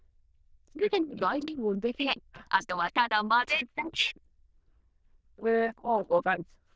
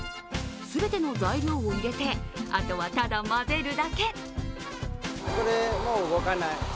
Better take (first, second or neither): second